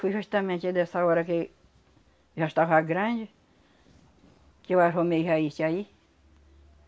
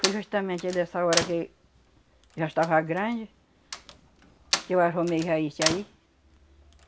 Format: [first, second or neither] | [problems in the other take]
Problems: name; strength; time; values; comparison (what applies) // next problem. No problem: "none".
first | background sound (Slam); 7 dB below the speech